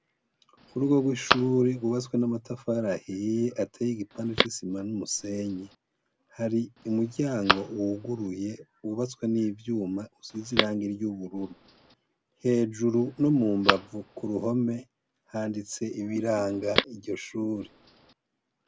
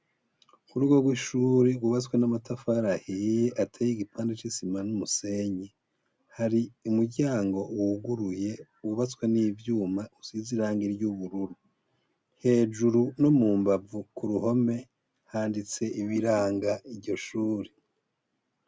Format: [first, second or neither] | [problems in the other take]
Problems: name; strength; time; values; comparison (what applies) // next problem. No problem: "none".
second | background sound (Telephone); 6 dB below the speech